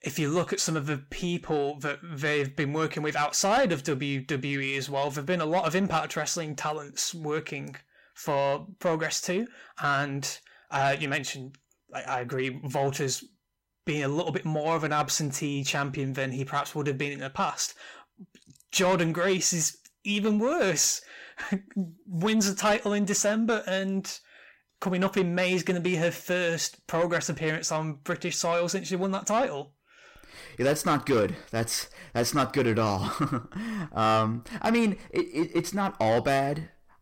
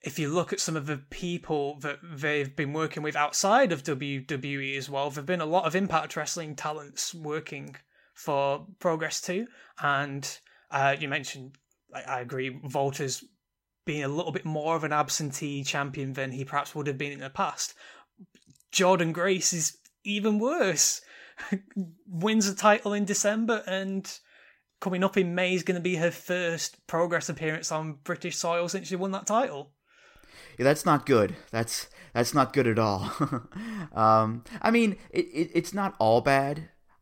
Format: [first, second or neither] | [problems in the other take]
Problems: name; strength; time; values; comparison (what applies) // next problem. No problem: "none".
second | distortion; slight; 10 dB below the speech